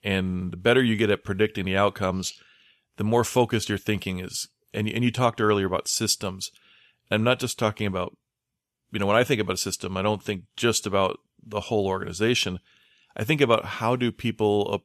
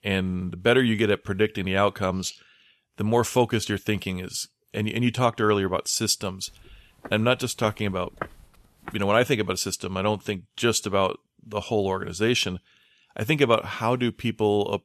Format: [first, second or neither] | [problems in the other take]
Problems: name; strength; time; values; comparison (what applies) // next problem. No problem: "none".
first | footsteps; faint; from 6.5 to 9 s; peak 10 dB below the speech